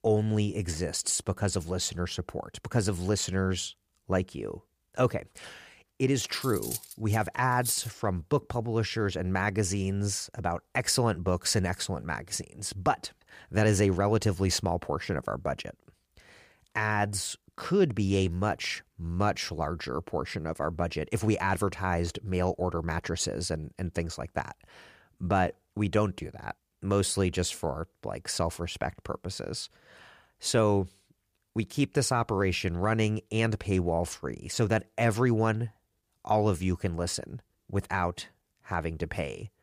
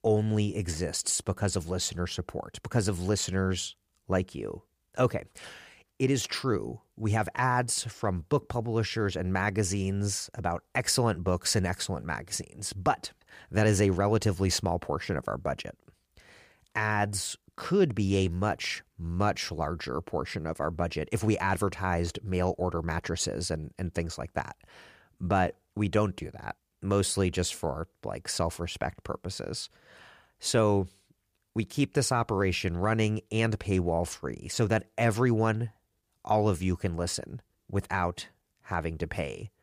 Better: second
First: clattering dishes; noticeable; from 6.5 to 8 s; peak 5 dB below the speech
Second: none

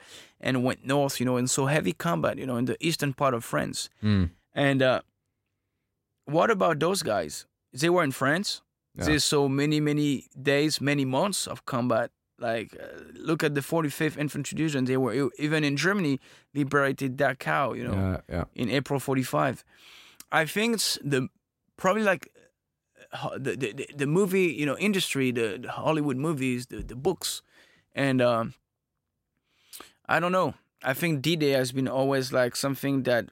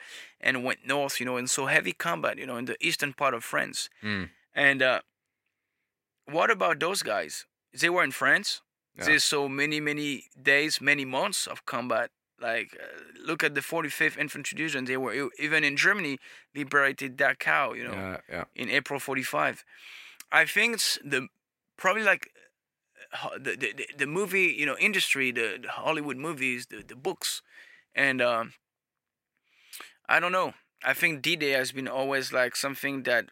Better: first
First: none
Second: thin; somewhat; fading below 1 kHz

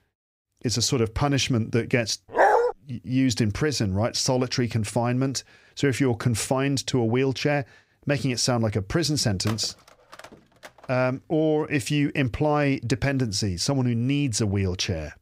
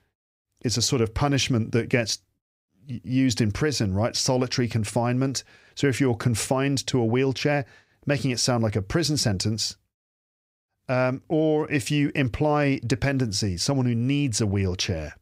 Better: second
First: dog barking; loud; at 2.5 s; peak 5 dB above the speech // phone ringing; faint; from 9.5 to 11 s; peak 15 dB below the speech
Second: none

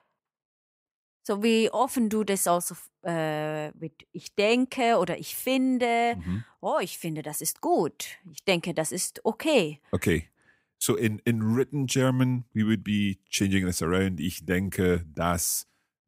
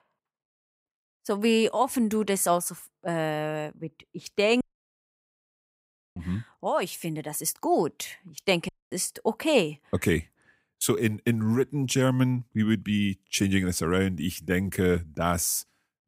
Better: first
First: none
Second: audio cutting out; at 4.5 s for 1.5 s and at 8.5 s

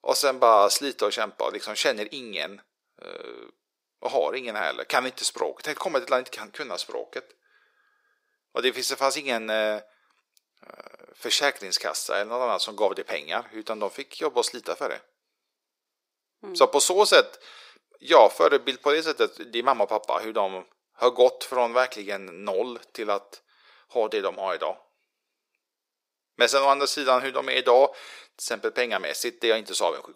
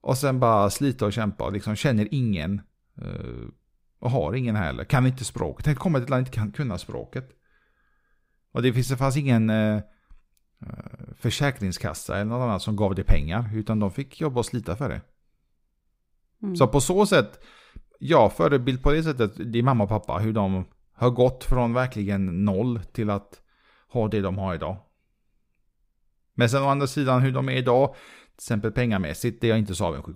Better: second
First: thin; very; fading below 400 Hz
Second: none

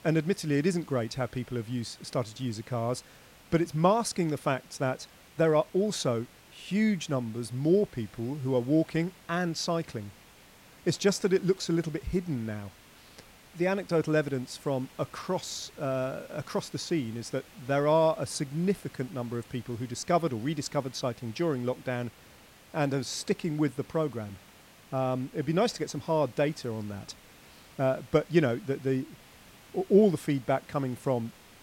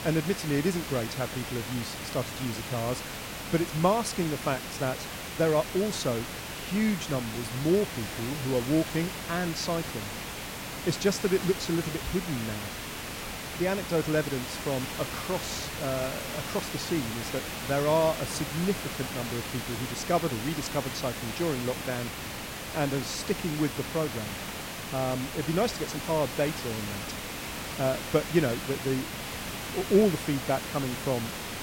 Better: first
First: hiss; faint; throughout; 25 dB below the speech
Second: hiss; loud; throughout; 5 dB below the speech

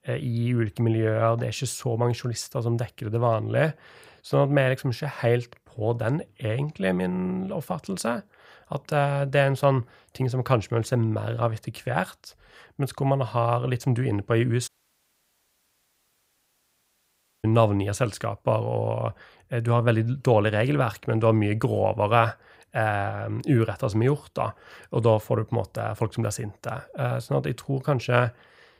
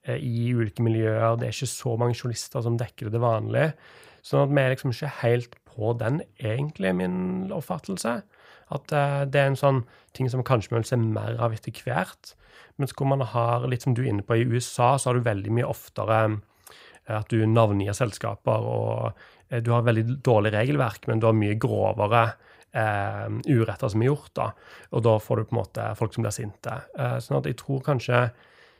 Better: second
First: audio cutting out; at 15 s for 3 s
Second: none

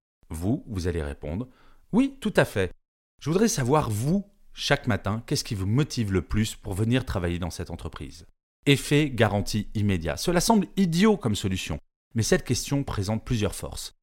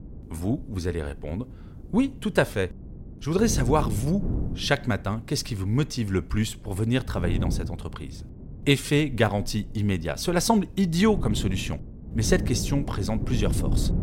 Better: first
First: none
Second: wind noise on the microphone; occasional gusts; 15 dB below the speech

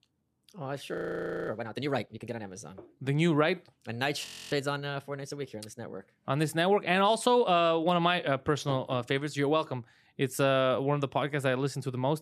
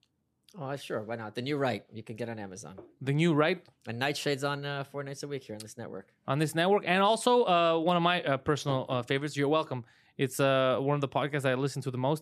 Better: second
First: audio freezing; at 1 s for 0.5 s and at 4.5 s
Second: none

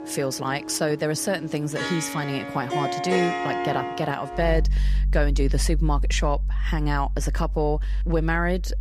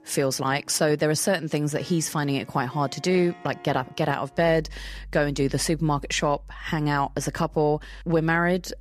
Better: second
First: background music; loud; throughout; 1 dB below the speech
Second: background music; faint; throughout; 20 dB below the speech

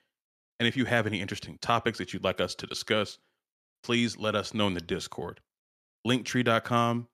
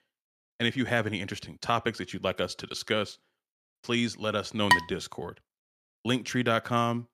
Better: first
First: none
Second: clattering dishes; loud; at 4.5 s; peak 6 dB above the speech

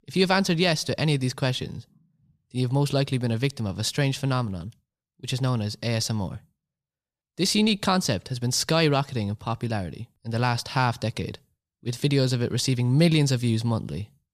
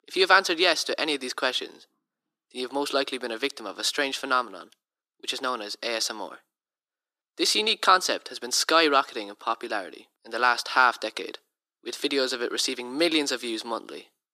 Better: first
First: none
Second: thin; very; fading below 300 Hz

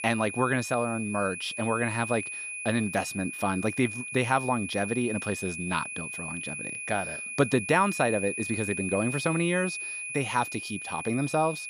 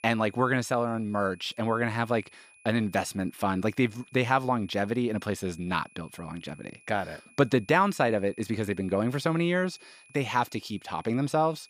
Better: second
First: high-pitched whine; loud; throughout; 2.5 kHz, 6 dB below the speech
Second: high-pitched whine; faint; throughout; 2.5 kHz, 25 dB below the speech

